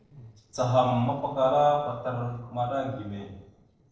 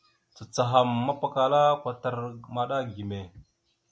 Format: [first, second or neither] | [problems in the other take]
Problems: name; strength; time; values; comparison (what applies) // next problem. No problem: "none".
second | noise reduction (neural separator model SepFormer DNS4)